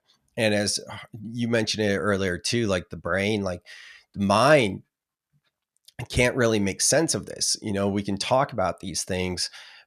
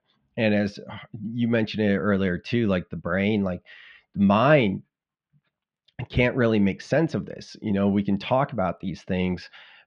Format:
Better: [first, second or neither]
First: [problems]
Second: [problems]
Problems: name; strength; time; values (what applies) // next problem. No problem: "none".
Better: first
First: none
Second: muffled; very; fading above 3 kHz